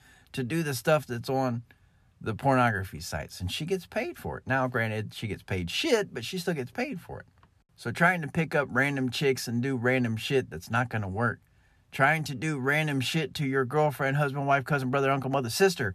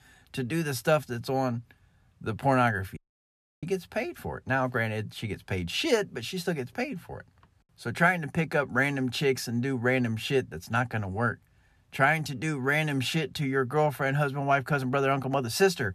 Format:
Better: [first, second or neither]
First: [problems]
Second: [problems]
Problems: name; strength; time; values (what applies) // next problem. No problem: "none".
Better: first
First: none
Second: audio cutting out; at 3 s for 0.5 s